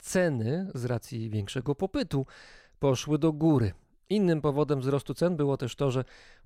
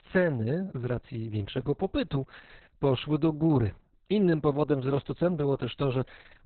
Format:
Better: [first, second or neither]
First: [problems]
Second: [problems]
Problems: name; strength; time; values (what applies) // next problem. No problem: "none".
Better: first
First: none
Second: garbled, watery; badly; nothing above 4 kHz